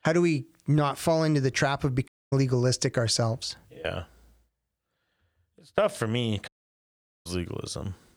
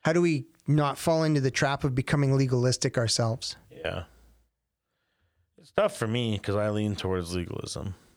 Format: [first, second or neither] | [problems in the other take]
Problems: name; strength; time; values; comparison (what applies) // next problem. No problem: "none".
second | audio cutting out; at 2 s and at 6.5 s for 1 s